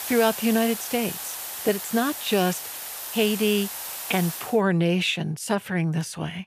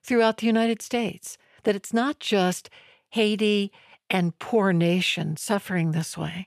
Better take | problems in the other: second | hiss; loud; until 4.5 s; 7 dB below the speech

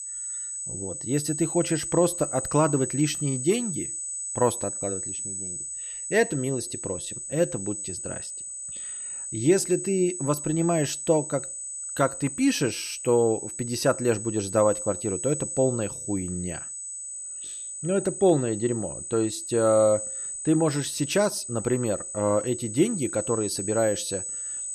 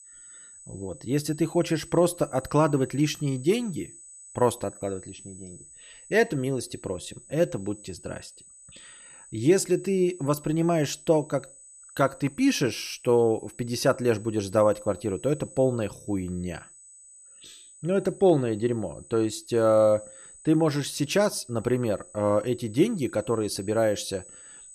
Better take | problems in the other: second | high-pitched whine; loud; throughout; 8 kHz, 6 dB below the speech; faint in the second

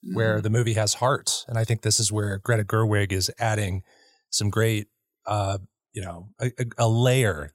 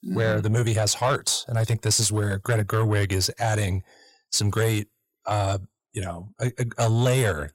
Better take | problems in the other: first | distortion; slight; 10 dB below the speech

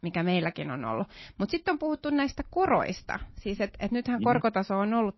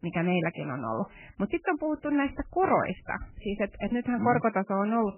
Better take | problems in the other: first | garbled, watery; badly; nothing above 3 kHz; slightly in the first

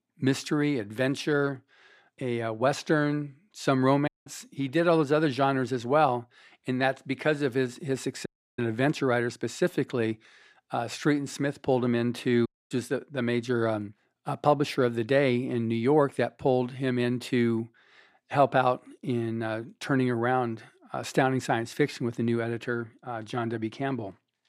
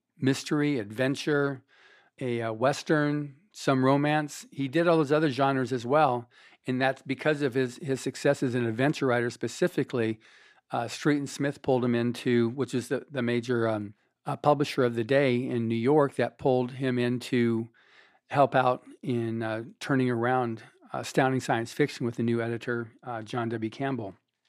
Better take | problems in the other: second | audio cutting out; at 4 s, at 8.5 s and at 12 s

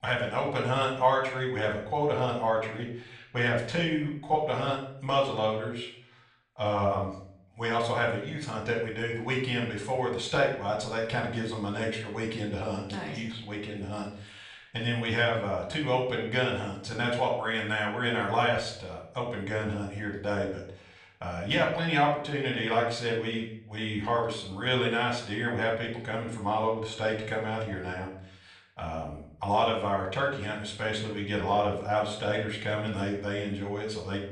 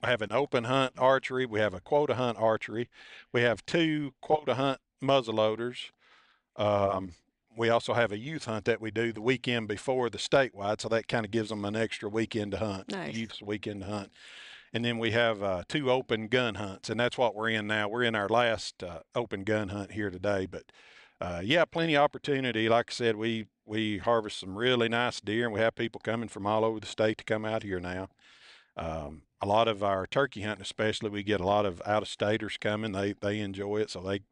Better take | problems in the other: second | off-mic speech; far // room echo; noticeable; dies away in 0.5 s

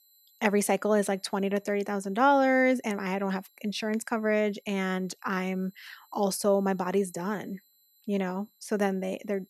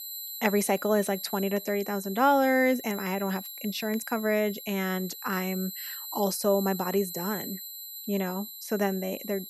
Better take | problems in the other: first | high-pitched whine; loud; throughout; 12 kHz, 9 dB below the speech; faint in the first

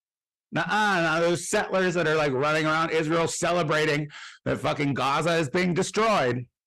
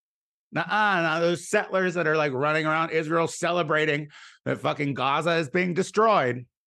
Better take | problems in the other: second | distortion; heavy; 8 dB below the speech

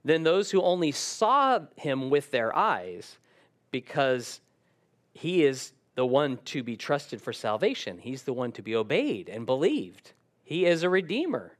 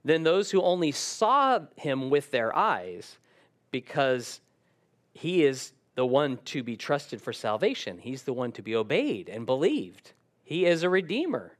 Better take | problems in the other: neither | none

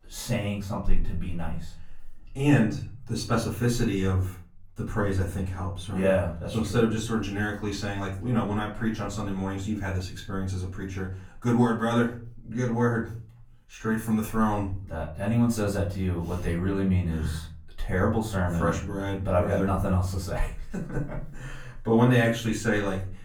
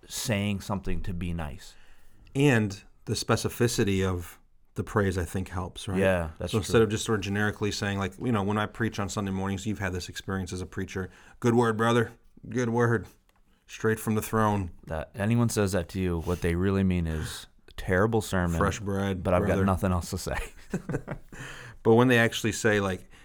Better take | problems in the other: second | off-mic speech; far // room echo; slight; dies away in 0.5 s

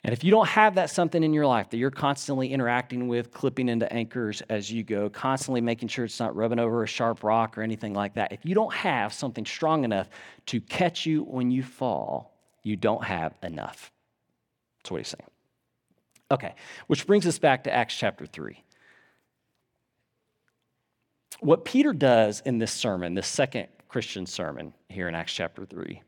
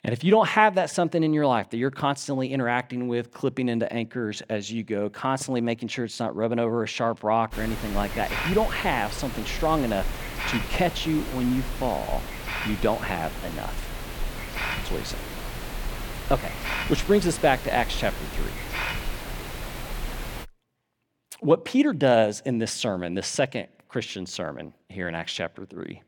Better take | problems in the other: first | hiss; loud; from 7.5 to 20 s; 7 dB below the speech

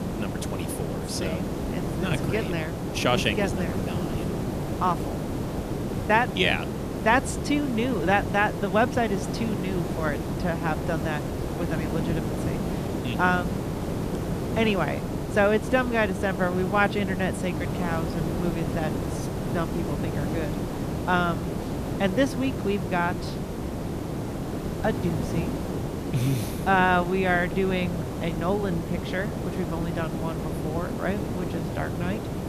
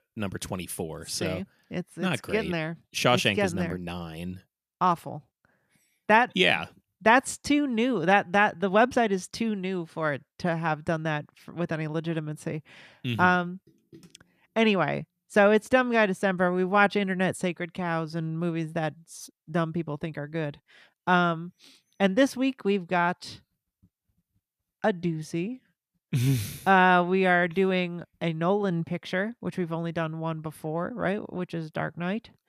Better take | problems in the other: second | hiss; loud; throughout; 3 dB below the speech

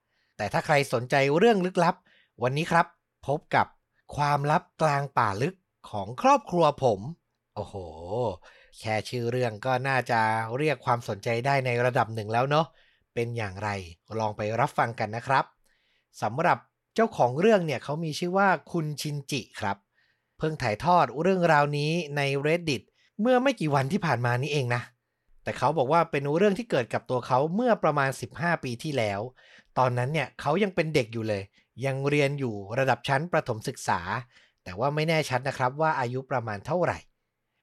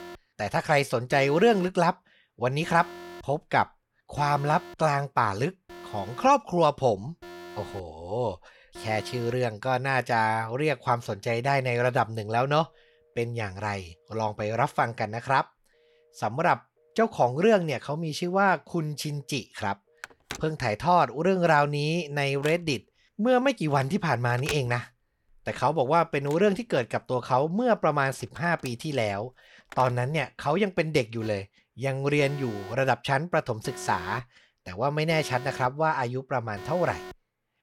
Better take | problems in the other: first | alarms or sirens; noticeable; throughout; 15 dB below the speech

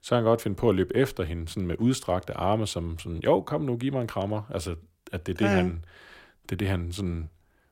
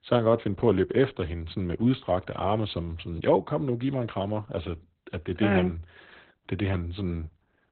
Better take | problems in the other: first | garbled, watery; badly; nothing above 4 kHz

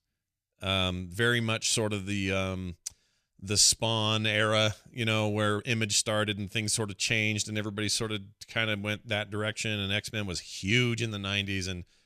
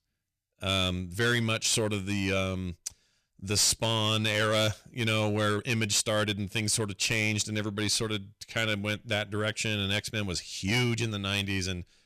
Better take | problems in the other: first | distortion; slight; 5% of the sound clipped

